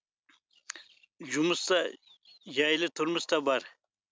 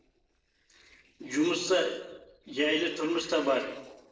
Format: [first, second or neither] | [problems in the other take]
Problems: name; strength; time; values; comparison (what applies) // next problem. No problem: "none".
first | noise reduction (neural separator model SepFormer DNS4)